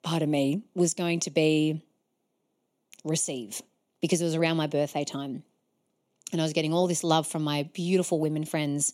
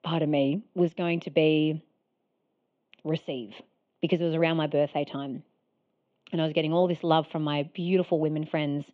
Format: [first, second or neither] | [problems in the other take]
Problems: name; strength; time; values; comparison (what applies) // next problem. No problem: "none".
first | muffled; very; fading above 3 kHz